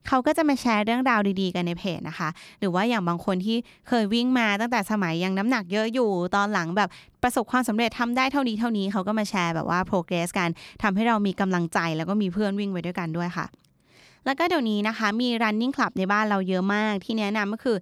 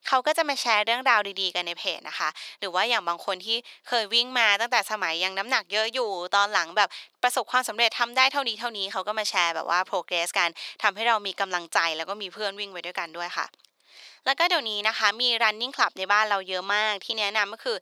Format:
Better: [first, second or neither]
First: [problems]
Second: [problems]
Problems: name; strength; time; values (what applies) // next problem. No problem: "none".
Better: first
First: none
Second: thin; very; fading below 550 Hz